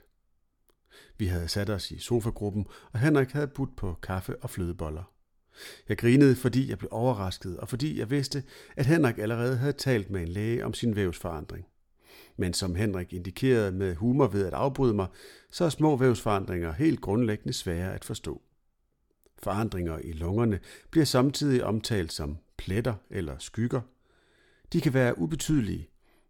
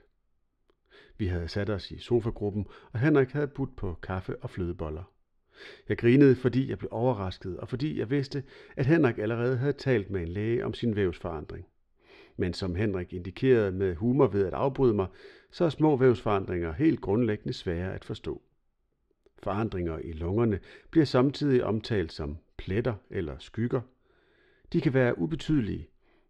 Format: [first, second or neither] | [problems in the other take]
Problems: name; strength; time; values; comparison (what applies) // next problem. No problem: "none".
first | muffled; very slightly; fading above 3 kHz